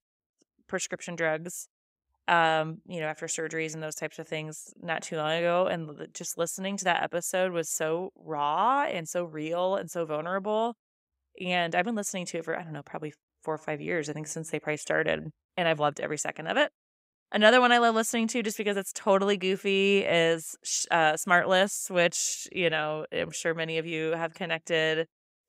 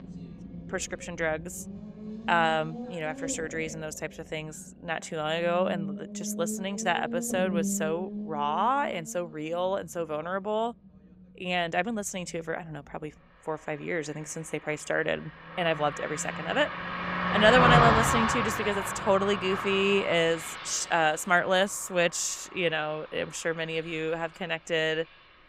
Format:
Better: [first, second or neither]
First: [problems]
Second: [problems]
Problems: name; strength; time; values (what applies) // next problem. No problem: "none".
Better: first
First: none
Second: traffic noise; loud; throughout; 3 dB below the speech